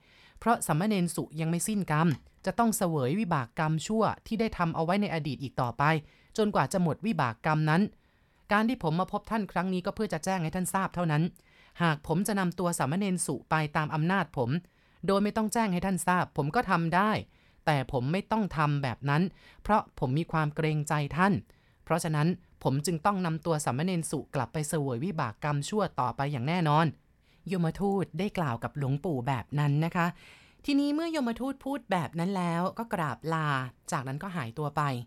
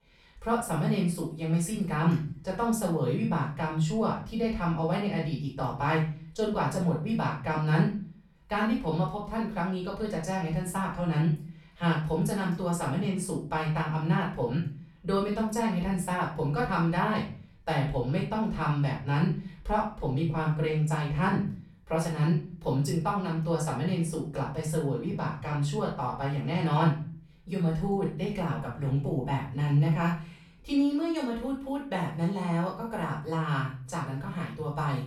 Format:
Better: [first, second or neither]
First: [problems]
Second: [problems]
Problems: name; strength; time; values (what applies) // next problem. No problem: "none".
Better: first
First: none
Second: off-mic speech; far // room echo; noticeable; dies away in 0.4 s